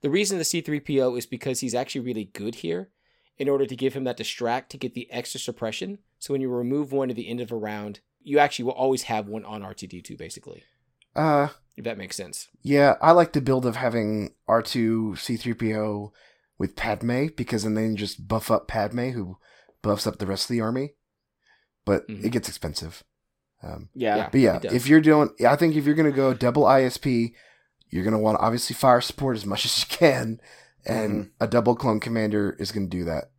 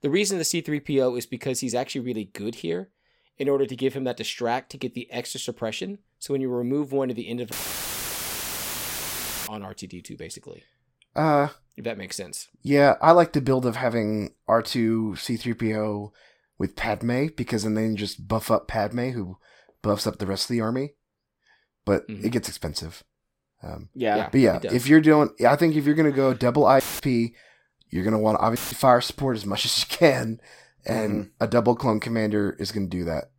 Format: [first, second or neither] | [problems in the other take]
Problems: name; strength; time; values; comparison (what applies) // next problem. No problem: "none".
first | audio cutting out; filled with static; at 7.5 s for 2 s, at 27 s and at 29 s